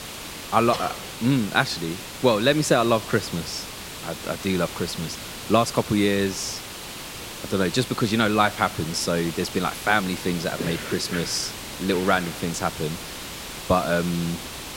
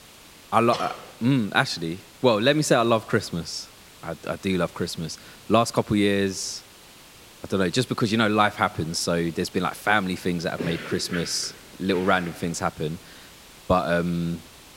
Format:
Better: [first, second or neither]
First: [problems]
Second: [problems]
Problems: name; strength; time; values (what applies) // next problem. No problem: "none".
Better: second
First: hiss; loud; throughout; 10 dB below the speech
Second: hiss; faint; throughout; 20 dB below the speech